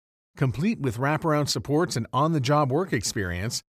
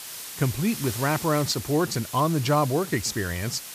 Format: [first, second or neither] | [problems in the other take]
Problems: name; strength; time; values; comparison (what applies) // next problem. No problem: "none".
first | hiss; loud; throughout; 10 dB below the speech